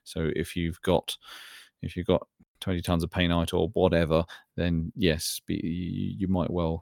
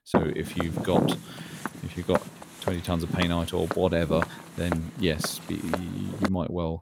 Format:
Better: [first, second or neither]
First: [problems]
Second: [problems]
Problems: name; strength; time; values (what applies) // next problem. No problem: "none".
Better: first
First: none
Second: footsteps; loud; until 6.5 s; peak 3 dB above the speech